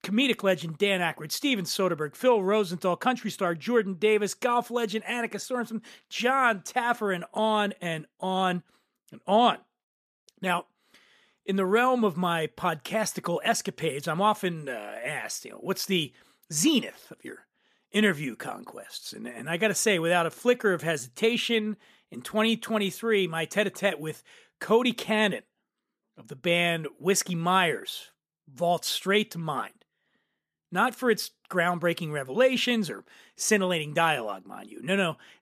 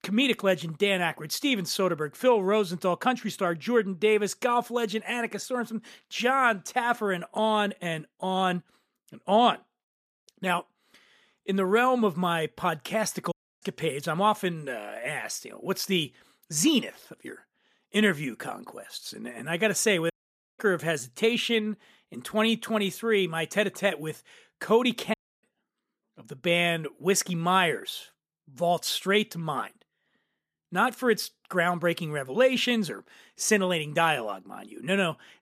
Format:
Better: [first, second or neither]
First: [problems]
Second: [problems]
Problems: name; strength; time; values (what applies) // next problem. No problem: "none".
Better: first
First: none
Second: audio cutting out; at 13 s, at 20 s and at 25 s